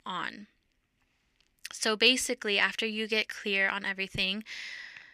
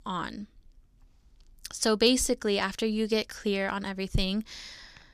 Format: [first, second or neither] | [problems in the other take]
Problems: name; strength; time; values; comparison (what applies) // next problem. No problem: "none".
second | thin; somewhat; fading below 500 Hz